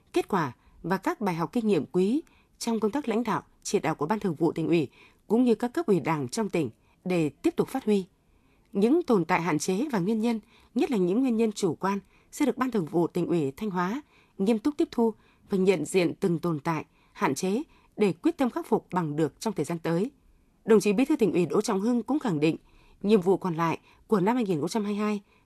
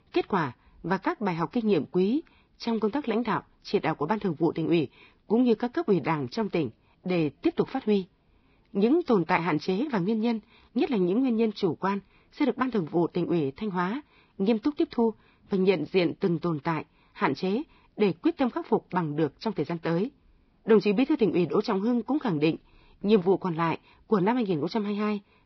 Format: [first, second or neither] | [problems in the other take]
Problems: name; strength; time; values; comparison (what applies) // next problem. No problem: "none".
first | garbled, watery; badly; nothing above 5.5 kHz; slightly in the first